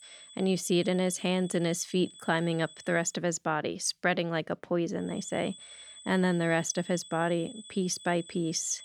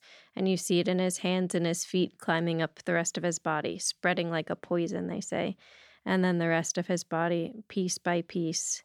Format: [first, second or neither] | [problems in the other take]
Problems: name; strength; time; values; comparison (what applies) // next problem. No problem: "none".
second | high-pitched whine; noticeable; until 3 s and from 5 s on; 3.5 kHz, 20 dB below the speech